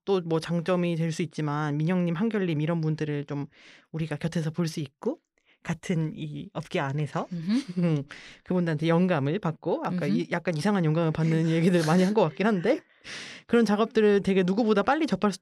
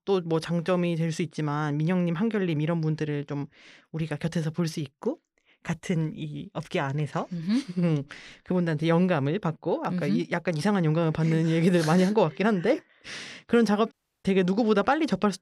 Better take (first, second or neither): first